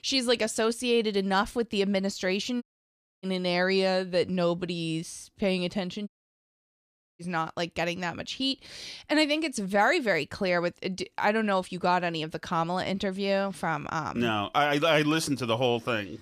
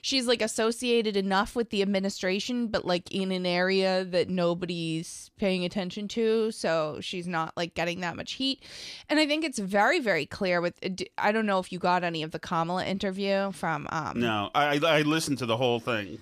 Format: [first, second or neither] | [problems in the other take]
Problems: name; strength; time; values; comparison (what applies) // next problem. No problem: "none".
second | audio cutting out; at 2.5 s for 0.5 s and at 6 s for 1 s